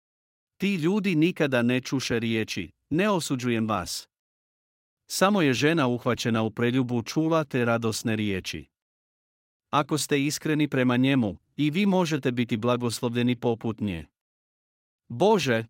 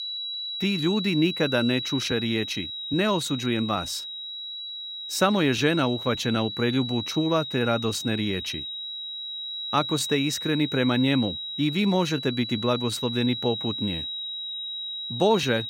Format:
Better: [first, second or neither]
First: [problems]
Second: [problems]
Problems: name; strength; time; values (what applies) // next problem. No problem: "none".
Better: first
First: none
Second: high-pitched whine; loud; throughout; 4 kHz, 6 dB below the speech